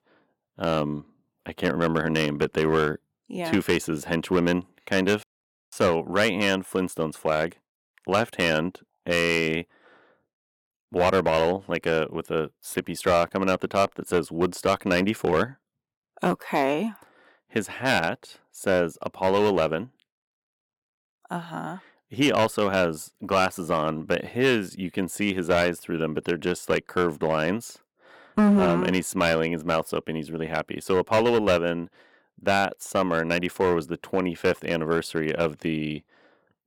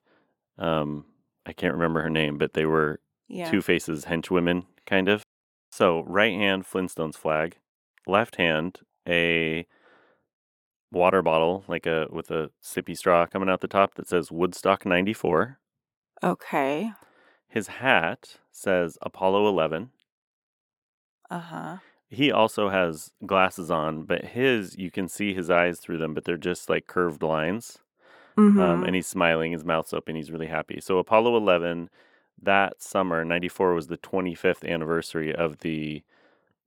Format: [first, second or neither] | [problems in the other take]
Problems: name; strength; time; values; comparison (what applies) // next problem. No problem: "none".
second | distortion; slight; 4% of the sound clipped